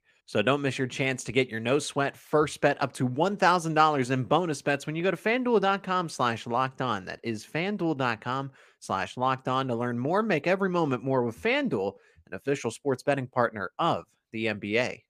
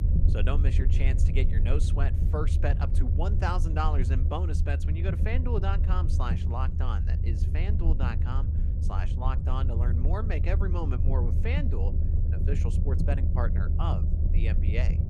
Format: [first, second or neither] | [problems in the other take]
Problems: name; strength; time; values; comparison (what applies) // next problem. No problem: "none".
first | low rumble; loud; throughout; 6 dB below the speech